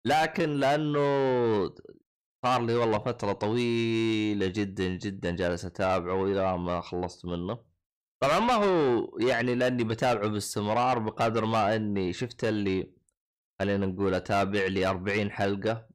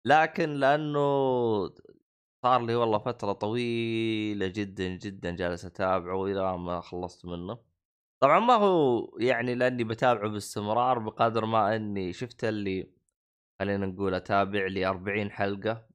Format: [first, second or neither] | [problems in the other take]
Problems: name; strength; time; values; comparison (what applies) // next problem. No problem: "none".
second | distortion; heavy; 8 dB below the speech